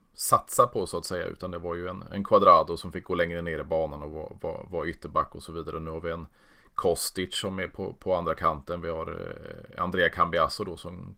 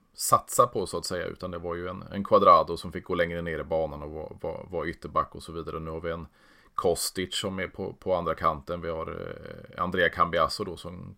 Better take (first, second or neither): second